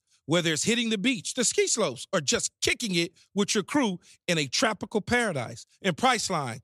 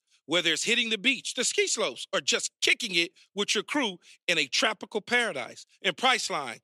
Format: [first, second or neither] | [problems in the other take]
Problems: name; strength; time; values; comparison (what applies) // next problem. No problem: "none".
first | thin; very slightly; fading below 300 Hz